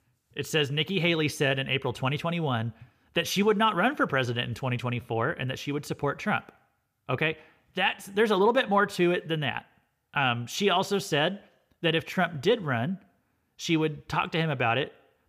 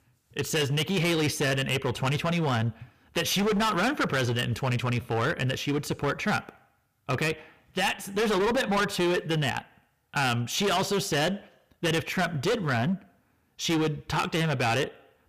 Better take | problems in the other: first | distortion; heavy; 18% of the sound clipped

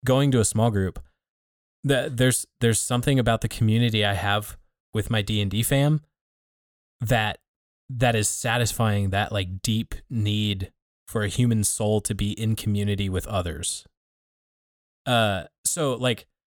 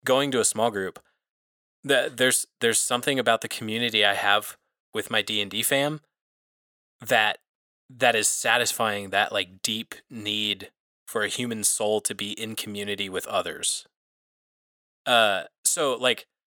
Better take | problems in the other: first | thin; somewhat; fading below 400 Hz

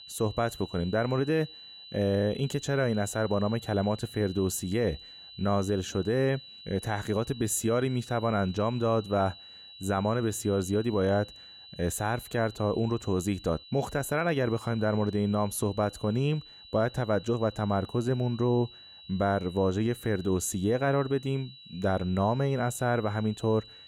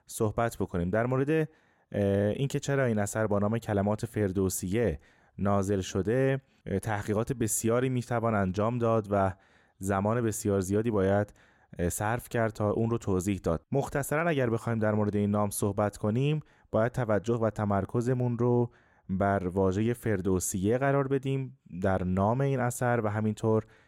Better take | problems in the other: second | high-pitched whine; noticeable; throughout; 4 kHz, 15 dB below the speech

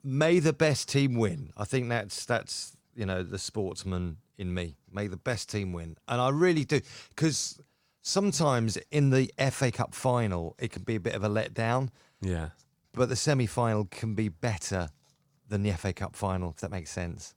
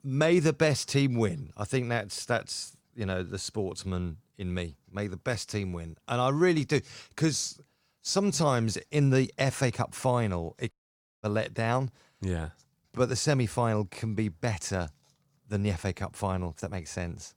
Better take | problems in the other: first | audio cutting out; at 11 s for 0.5 s

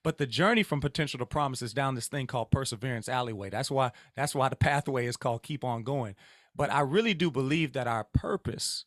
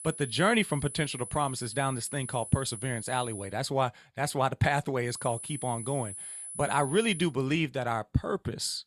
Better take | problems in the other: first | high-pitched whine; loud; until 3.5 s and from 5 to 7 s; 10 kHz, 9 dB below the speech

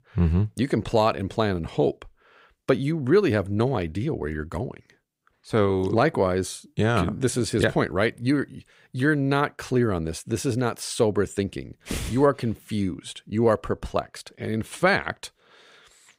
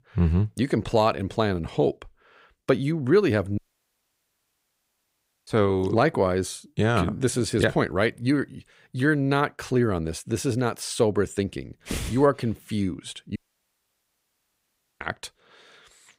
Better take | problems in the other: first | audio cutting out; at 3.5 s for 2 s and at 13 s for 1.5 s

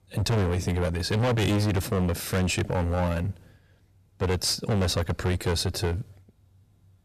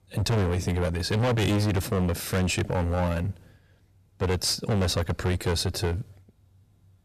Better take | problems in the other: neither | distortion; heavy; 18% of the sound clipped; the same in both

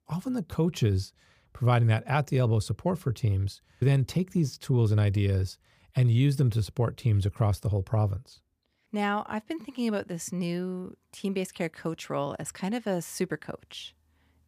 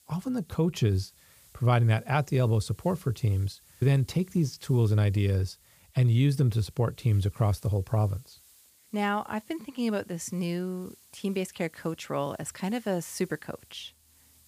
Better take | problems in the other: first | hiss; faint; throughout; 25 dB below the speech

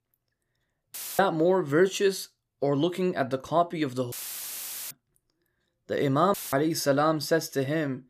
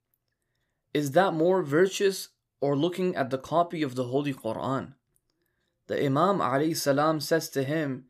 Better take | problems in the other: second | audio cutting out; filled with static; at 1 s, at 4 s for 1 s and at 6.5 s

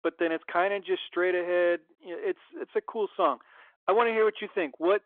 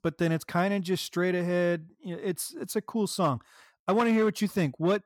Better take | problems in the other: second | phone-call audio; nothing above 3.5 kHz

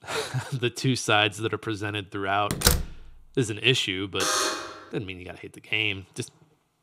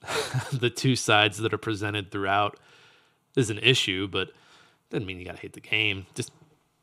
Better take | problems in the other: second | door banging; loud; at 2.5 s; peak 4 dB above the speech // alarm; loud; at 4 s; peak 3 dB above the speech

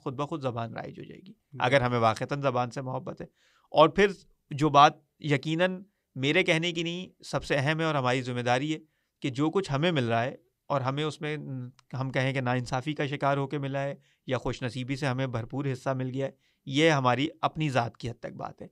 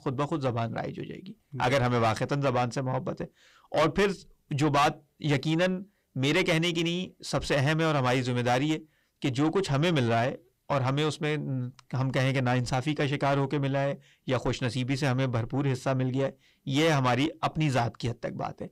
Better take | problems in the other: first | distortion; heavy; 6 dB below the speech

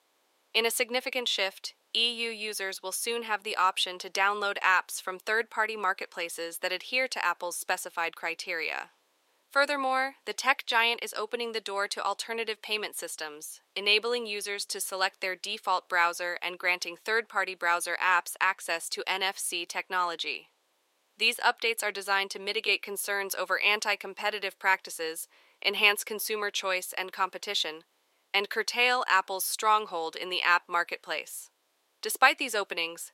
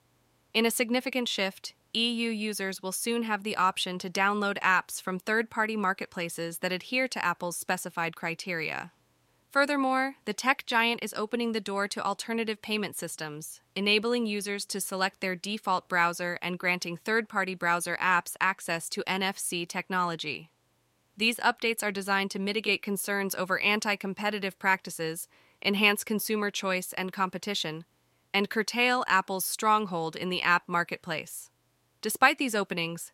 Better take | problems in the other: second | thin; somewhat; fading below 400 Hz

